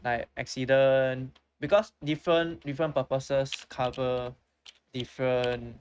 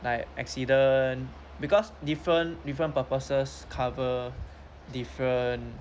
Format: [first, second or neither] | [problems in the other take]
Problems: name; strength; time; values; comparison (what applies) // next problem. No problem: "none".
second | noise reduction (neural mask model RNNoise)